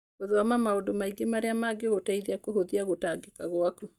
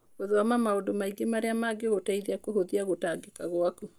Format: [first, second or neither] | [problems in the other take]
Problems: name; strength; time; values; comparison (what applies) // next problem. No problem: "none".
second | noise reduction (neural mask model DeepFilterNet 3)